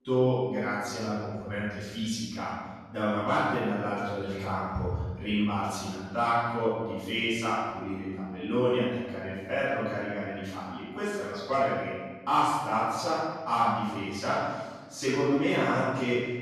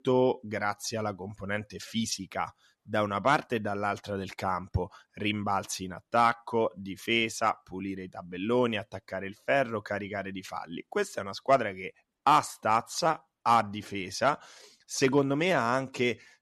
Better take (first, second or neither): second